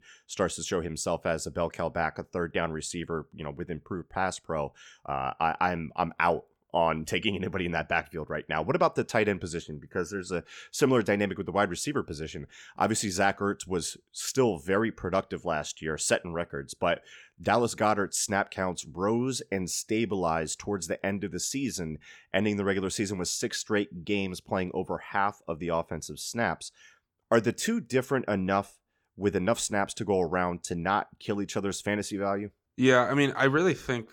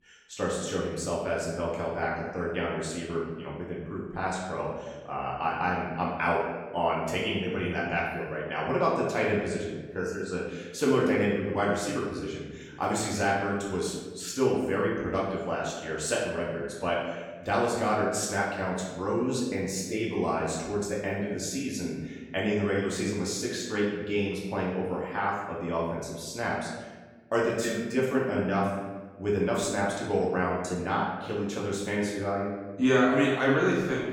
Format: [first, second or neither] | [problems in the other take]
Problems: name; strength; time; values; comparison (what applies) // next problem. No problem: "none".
first | room echo; noticeable; dies away in 1.1 s // off-mic speech; far